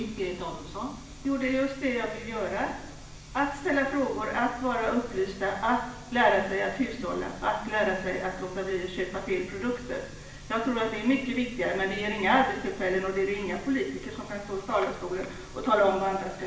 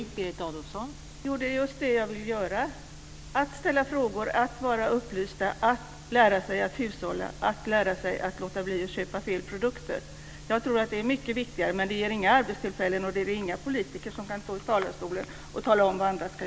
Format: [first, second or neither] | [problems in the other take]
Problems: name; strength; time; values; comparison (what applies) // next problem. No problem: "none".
second | room echo; dies away in 0.8 s